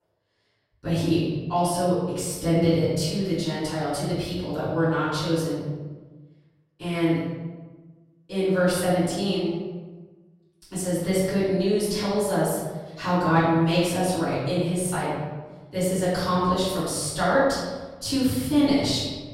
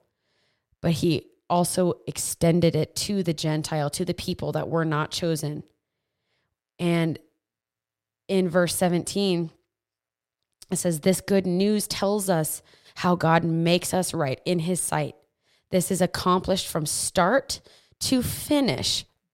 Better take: second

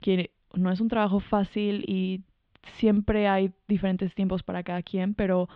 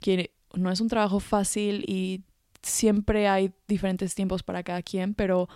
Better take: second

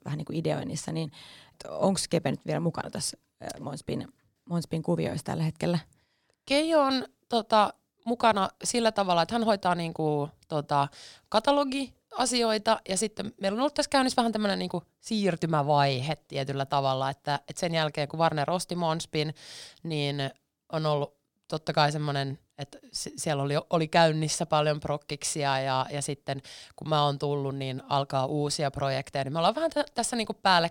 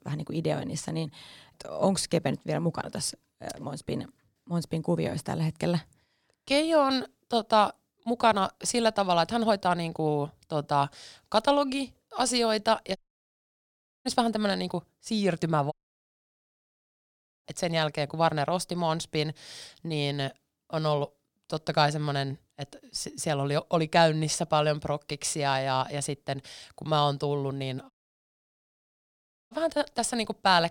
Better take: first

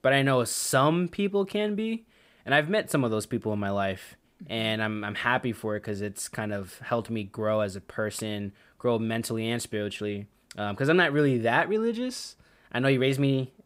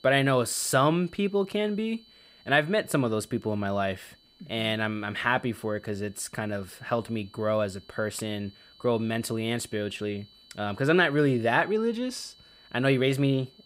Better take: first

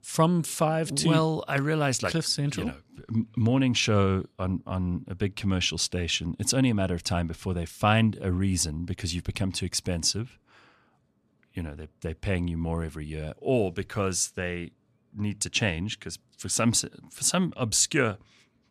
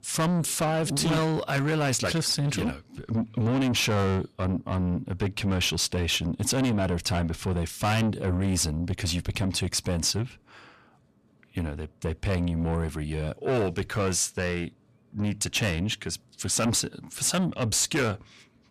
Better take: first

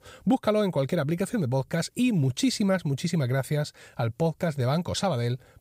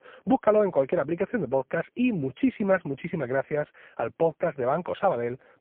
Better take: first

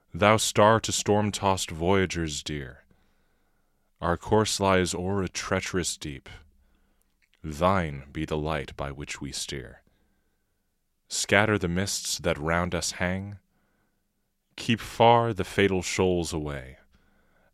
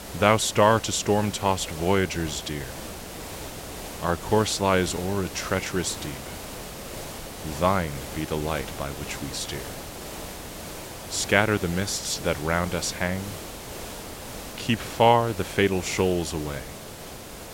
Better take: first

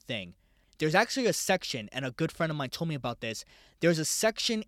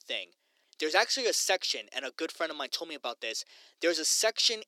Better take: first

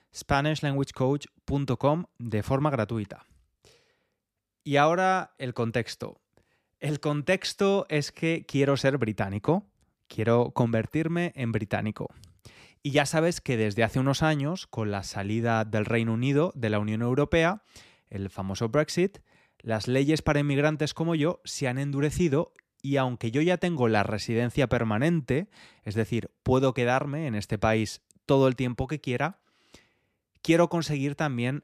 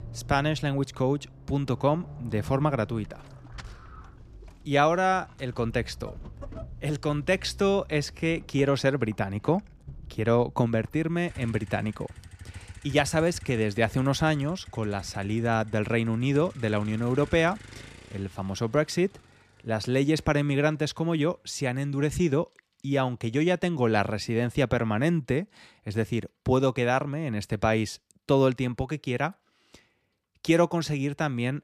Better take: first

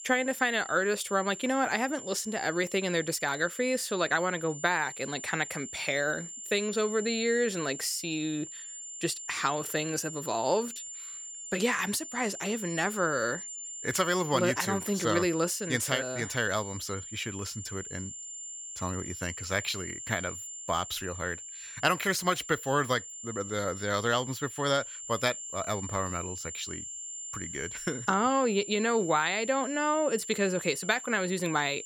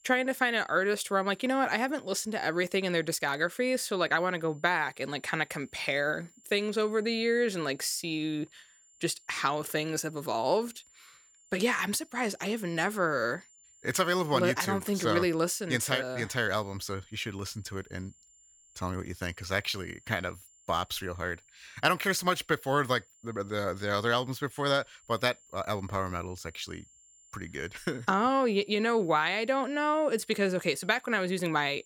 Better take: second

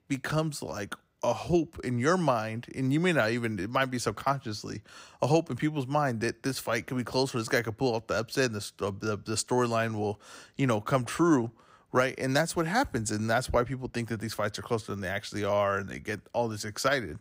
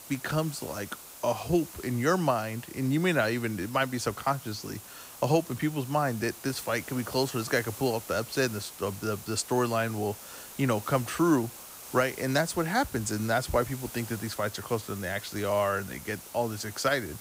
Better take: first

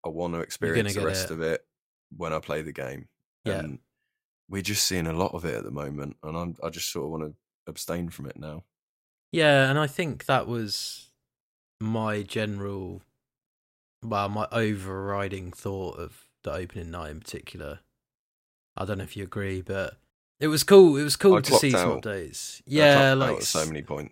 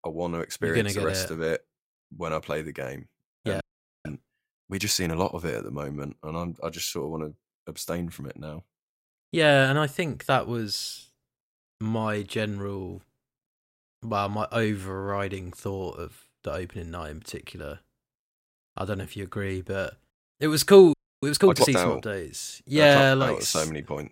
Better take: first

